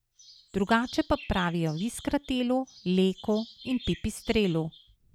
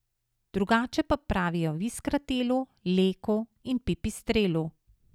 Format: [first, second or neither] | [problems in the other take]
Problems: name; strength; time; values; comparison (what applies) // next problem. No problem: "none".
second | background sound (Chirp, tweet); 19 dB below the speech